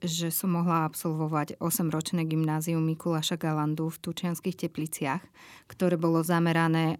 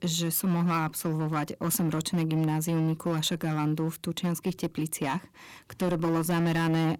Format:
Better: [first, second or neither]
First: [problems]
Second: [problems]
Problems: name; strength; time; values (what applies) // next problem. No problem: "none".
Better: first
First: none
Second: distortion; slight; 10% of the sound clipped